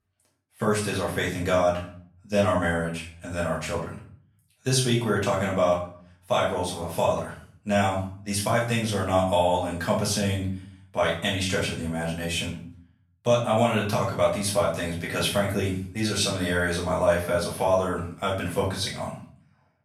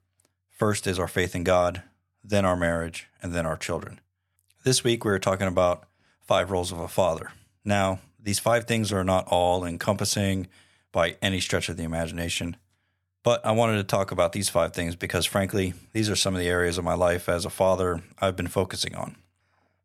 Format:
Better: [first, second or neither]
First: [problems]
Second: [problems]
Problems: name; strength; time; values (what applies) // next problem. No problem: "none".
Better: second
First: off-mic speech; far // room echo; noticeable; dies away in 0.4 s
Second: none